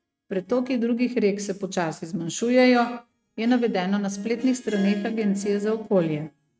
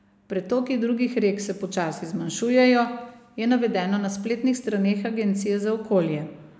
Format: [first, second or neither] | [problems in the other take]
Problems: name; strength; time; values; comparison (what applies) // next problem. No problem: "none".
second | noise reduction (neural mask model RNNoise)